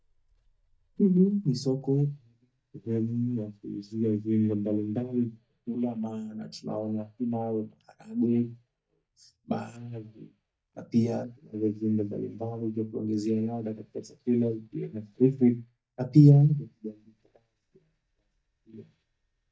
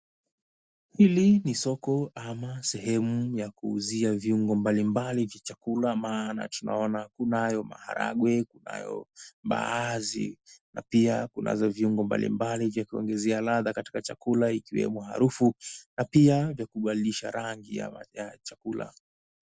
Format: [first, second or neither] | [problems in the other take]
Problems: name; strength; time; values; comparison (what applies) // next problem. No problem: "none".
second | noise reduction (neural mask model DeepFilterNet 3)